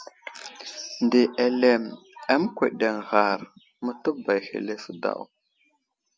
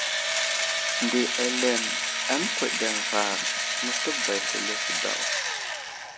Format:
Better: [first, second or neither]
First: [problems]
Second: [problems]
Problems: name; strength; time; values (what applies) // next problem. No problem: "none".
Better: first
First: none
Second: background sound (Engine / Drill); 4 dB above the speech